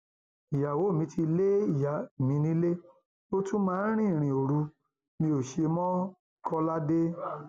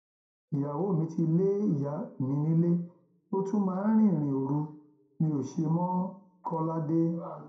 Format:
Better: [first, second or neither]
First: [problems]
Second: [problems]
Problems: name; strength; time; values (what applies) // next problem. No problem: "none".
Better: first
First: none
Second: room echo; dies away in 0.4 s